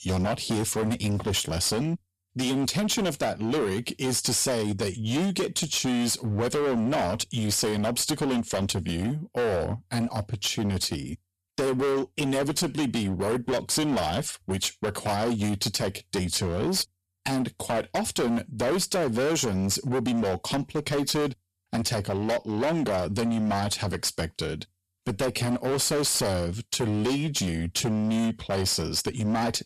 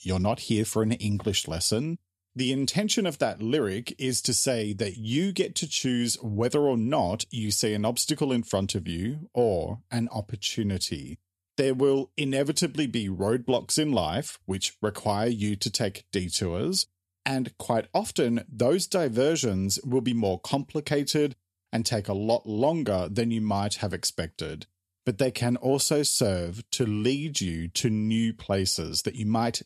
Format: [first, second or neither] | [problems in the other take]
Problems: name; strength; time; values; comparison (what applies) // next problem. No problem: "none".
second | distortion; heavy; 23% of the sound clipped